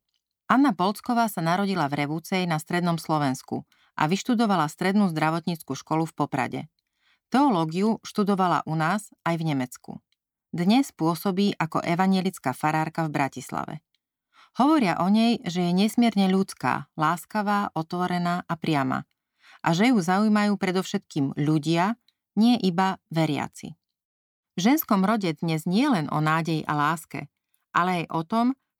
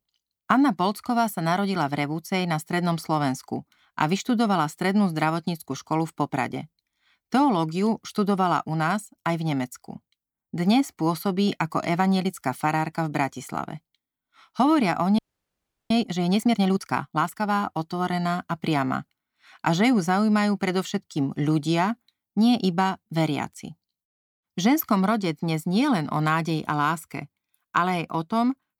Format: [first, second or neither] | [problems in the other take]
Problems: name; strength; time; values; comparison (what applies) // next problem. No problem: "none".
first | audio freezing; at 15 s for 0.5 s